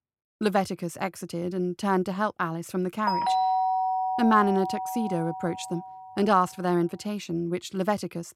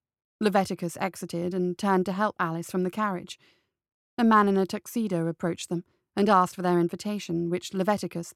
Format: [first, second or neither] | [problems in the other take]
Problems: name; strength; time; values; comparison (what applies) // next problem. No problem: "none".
second | doorbell; loud; from 3 to 6 s; peak 3 dB above the speech